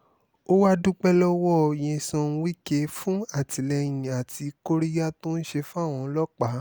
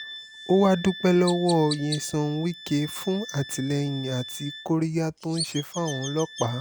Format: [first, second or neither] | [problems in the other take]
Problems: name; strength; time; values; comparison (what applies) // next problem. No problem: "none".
first | background sound (Chirp, tweet + Wind instrument, woodwind instrument); 13 dB below the speech